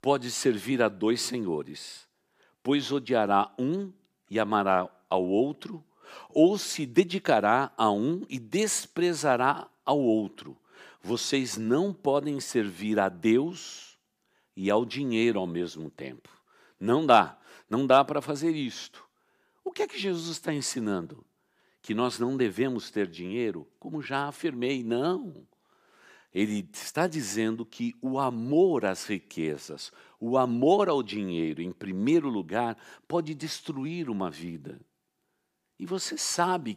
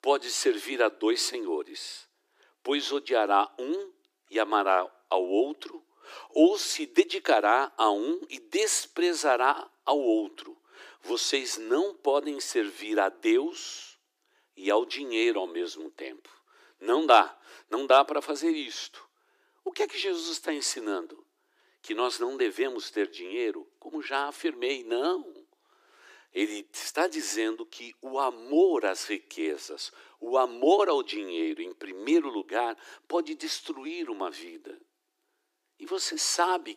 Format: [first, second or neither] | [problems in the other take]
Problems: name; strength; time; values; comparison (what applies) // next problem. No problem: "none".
first | thin; somewhat; fading below 300 Hz